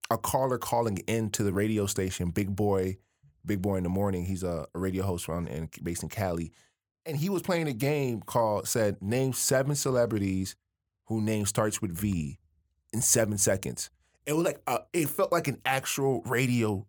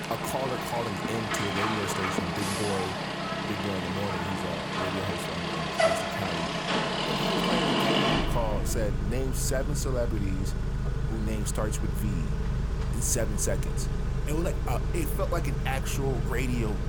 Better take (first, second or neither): first